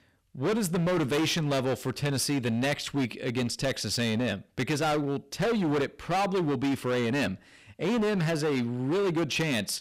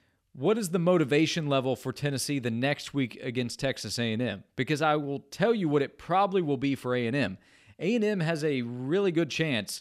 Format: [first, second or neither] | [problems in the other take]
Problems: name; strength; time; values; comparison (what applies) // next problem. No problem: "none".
second | distortion; heavy; 23% of the sound clipped